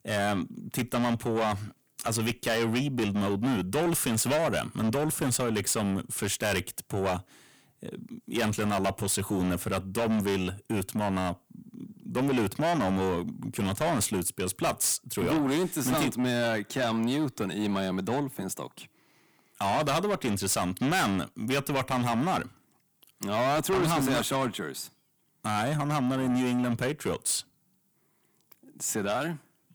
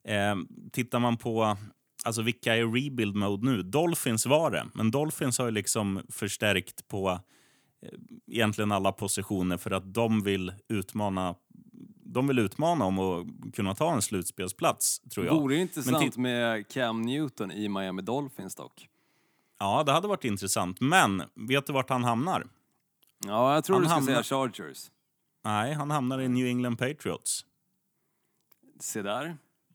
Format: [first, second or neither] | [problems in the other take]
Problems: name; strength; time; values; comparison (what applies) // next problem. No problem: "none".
second | distortion; heavy; 6 dB below the speech